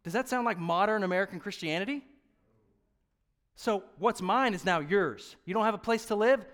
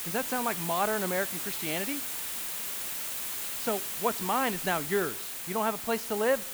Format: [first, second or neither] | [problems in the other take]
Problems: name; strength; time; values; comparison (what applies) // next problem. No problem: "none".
first | hiss; loud; throughout; 1 dB below the speech